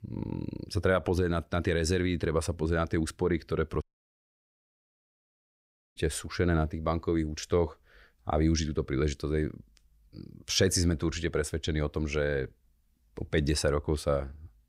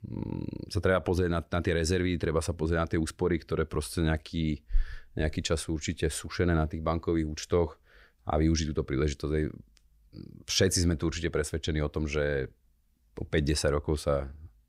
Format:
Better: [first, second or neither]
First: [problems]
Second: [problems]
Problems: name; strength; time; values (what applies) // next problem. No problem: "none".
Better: second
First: audio cutting out; at 4 s for 2 s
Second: none